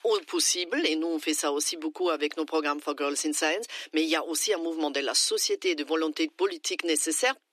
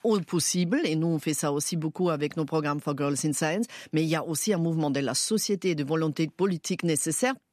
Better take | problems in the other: second | thin; somewhat; fading below 300 Hz

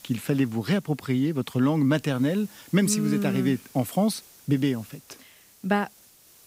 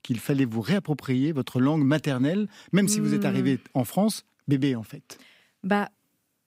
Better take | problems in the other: second | hiss; faint; throughout; 25 dB below the speech

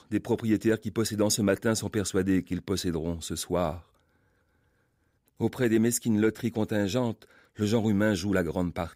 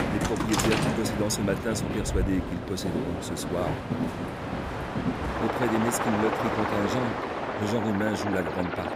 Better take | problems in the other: first | train or aircraft noise; very loud; throughout; as loud as the speech

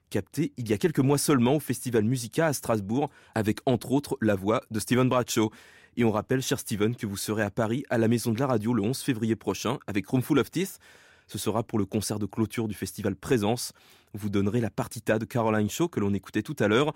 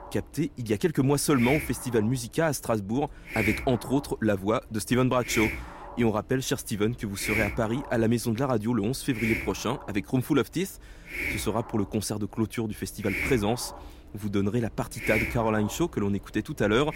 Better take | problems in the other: first | hiss; loud; throughout; 6 dB below the speech

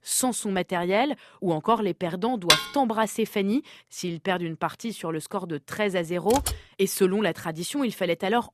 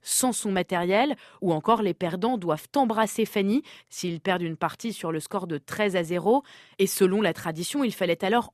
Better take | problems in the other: second | clattering dishes; loud; at 2.5 s; peak 6 dB above the speech // keyboard typing; noticeable; at 6.5 s; peak 3 dB below the speech

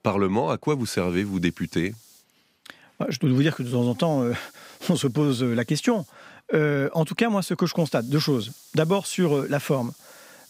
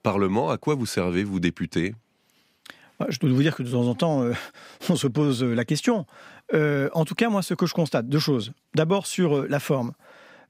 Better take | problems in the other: second | hiss; faint; from 1 to 2 s, from 3.5 to 6 s and from 8 s on; 25 dB below the speech

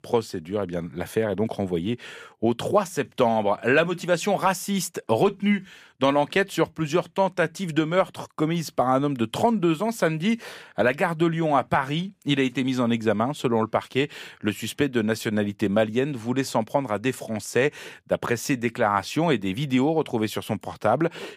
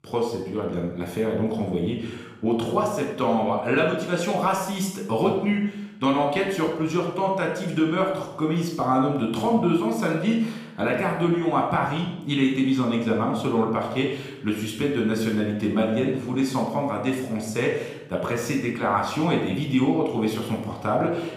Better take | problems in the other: first | room echo; noticeable; dies away in 0.8 s // off-mic speech; somewhat distant

